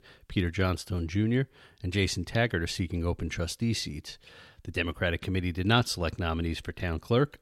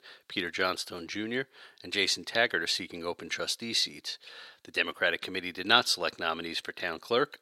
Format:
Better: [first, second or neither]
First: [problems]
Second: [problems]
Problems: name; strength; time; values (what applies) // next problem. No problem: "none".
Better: first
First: none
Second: thin; very; fading below 450 Hz